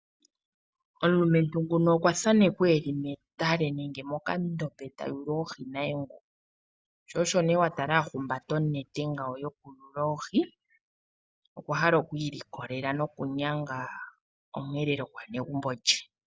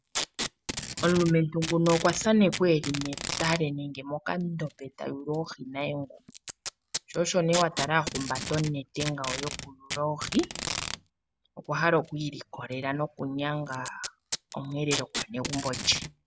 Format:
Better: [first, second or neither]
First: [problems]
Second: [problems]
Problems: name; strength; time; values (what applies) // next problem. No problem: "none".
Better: first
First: none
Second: background sound (Packing tape, duct tape); 9 dB below the speech